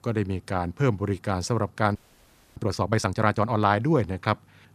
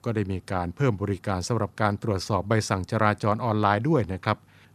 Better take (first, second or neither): second